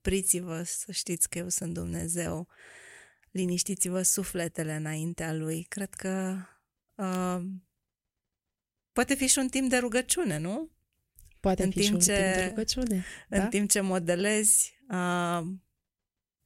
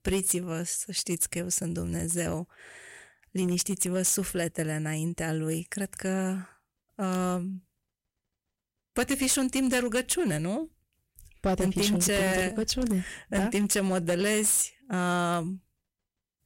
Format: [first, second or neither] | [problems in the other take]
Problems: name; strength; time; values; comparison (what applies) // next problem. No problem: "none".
first | distortion; slight; 6% of the sound clipped